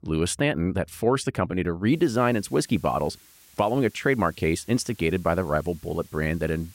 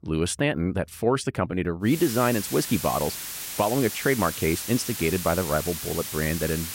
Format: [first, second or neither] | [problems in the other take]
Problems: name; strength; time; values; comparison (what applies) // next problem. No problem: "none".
first | hiss; loud; from 2 s on; 6 dB below the speech; faint in the first